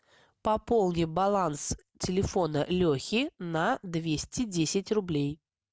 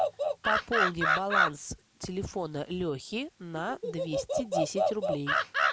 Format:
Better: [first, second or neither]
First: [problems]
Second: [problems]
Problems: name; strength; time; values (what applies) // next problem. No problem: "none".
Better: first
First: none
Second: background sound (Animal); 4 dB above the speech